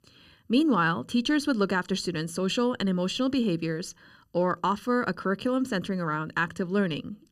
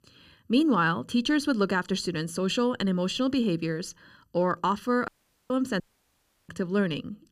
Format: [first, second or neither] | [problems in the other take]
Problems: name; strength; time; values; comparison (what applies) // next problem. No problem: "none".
first | audio cutting out; at 5 s and at 6 s for 0.5 s